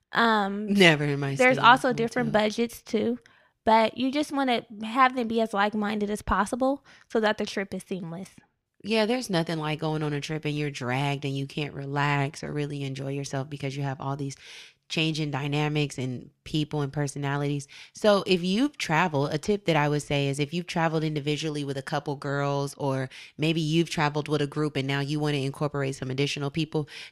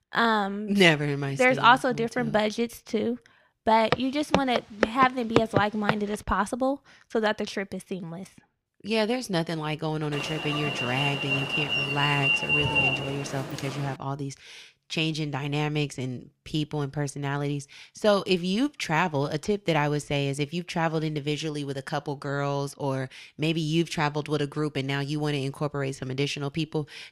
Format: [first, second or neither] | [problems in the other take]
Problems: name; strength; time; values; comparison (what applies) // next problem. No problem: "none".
first | footsteps; loud; from 4 to 6 s; peak 1 dB above the speech // alarm; loud; from 10 to 14 s; peak 6 dB above the speech